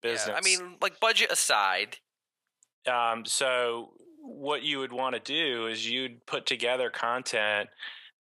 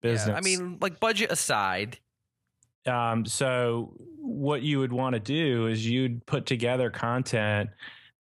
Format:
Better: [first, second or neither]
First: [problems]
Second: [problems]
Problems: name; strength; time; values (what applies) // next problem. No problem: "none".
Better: second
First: thin; very; fading below 550 Hz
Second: none